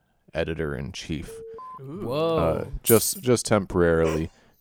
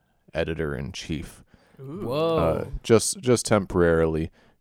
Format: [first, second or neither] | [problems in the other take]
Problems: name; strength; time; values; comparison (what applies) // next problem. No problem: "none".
second | alarm; faint; at 1.5 s; peak 15 dB below the speech // jangling keys; noticeable; at 3 s; peak 1 dB below the speech // dog barking; noticeable; at 4 s; peak 10 dB below the speech